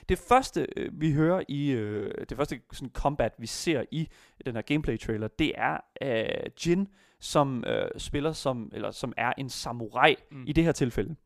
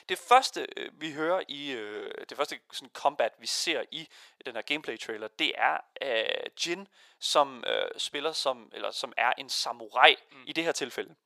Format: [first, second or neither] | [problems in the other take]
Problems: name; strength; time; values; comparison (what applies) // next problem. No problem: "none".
first | thin; very; fading below 650 Hz